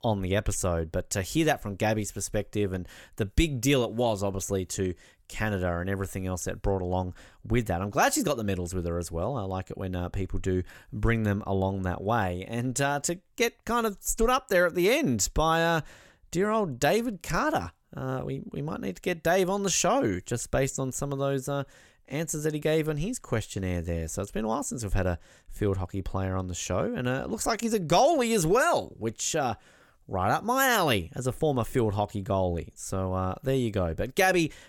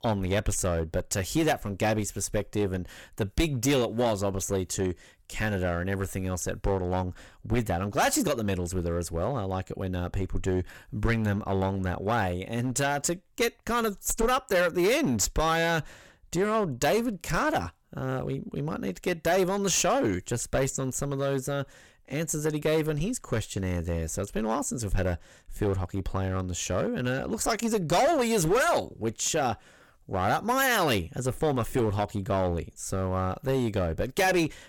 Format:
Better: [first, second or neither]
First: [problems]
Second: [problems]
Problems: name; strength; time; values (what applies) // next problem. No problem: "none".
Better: first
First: none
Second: distortion; slight; 7% of the sound clipped